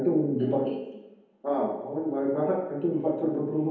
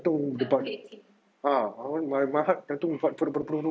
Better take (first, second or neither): second